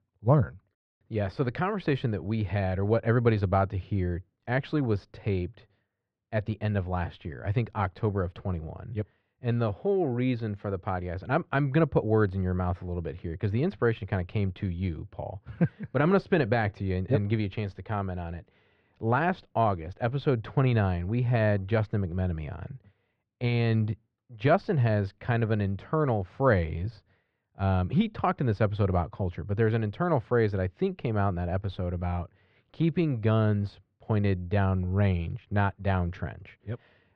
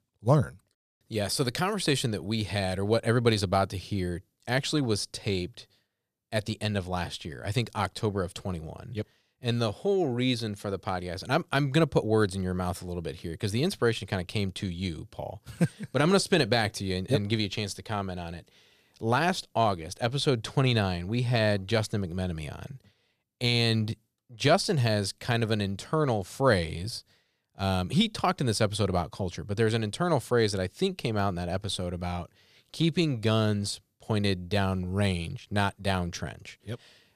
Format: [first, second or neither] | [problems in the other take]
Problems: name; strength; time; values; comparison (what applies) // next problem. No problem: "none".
second | muffled; very; fading above 2 kHz